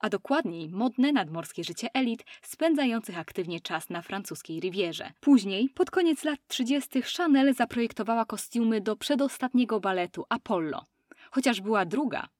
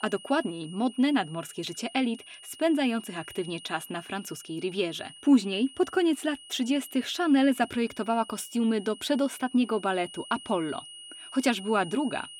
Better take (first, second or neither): first